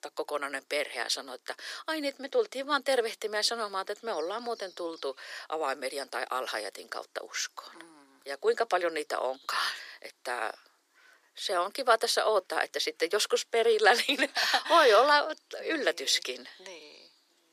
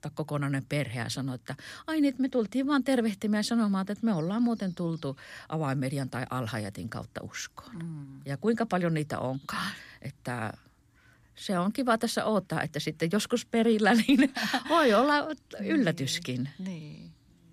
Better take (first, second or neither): second